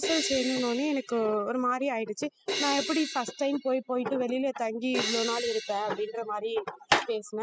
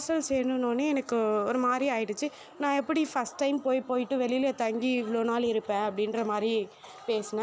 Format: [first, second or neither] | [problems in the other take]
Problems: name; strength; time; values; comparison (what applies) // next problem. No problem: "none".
second | noise reduction (classical method spectral subtraction)